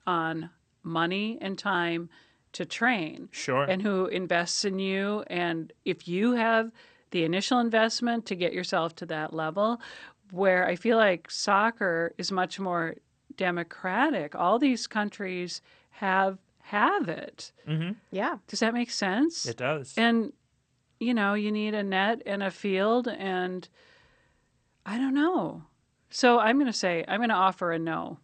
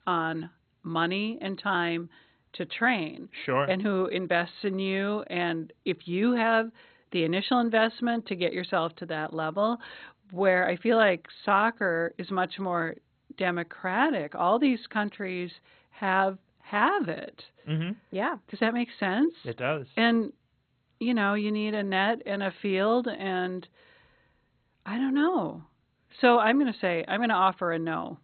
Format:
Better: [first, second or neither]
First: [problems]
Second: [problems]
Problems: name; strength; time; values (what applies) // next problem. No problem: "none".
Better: first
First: garbled, watery; slightly; nothing above 8.5 kHz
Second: garbled, watery; badly; nothing above 4 kHz